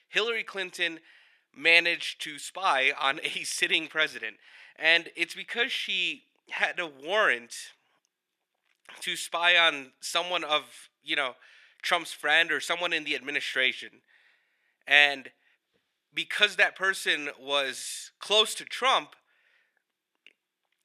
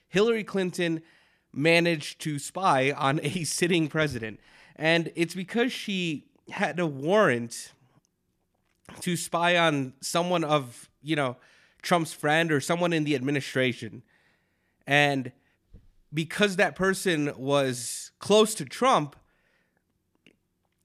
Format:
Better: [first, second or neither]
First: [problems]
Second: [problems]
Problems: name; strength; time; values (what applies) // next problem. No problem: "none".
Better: second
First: thin; very; fading below 500 Hz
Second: none